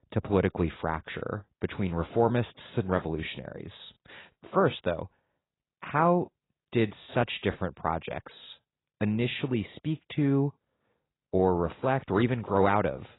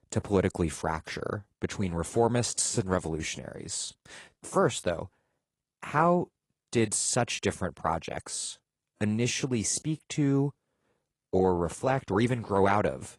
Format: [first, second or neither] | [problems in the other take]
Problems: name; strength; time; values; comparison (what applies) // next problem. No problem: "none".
second | garbled, watery; badly; nothing above 4 kHz; slightly in the second